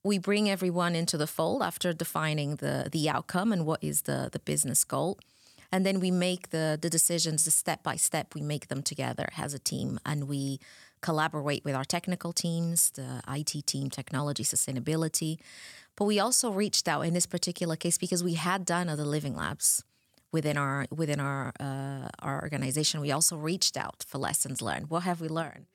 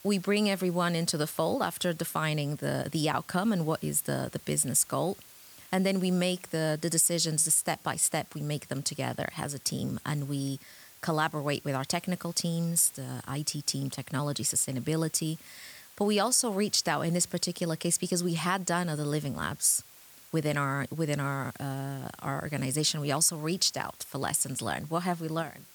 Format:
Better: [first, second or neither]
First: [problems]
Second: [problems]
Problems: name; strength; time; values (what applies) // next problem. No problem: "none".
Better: first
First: none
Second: hiss; faint; throughout; 20 dB below the speech